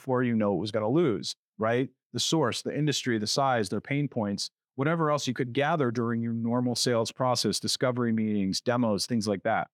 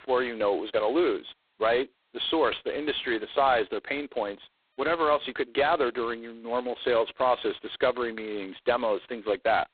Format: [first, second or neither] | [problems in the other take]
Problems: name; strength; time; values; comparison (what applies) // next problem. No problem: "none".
first | phone-call audio; poor line; nothing above 3.5 kHz